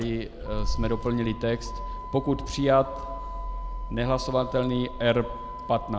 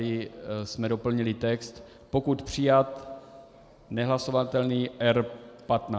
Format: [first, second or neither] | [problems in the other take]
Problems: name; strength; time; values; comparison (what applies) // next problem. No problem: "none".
second | background sound (Motor vehicle (road)); 6 dB below the speech